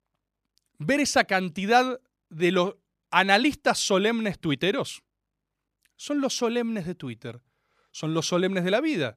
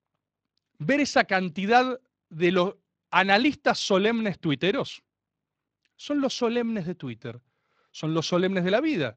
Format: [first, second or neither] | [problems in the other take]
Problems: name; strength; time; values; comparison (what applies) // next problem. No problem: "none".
first | garbled, watery; slightly